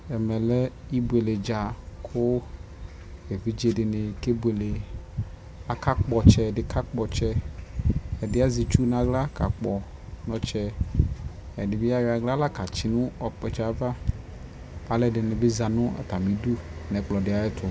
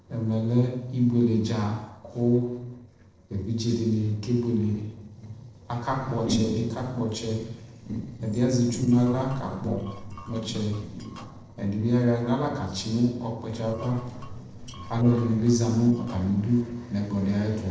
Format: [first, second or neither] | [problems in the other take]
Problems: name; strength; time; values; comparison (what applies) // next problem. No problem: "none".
first | noise reduction (neural separator model SepFormer DNS4)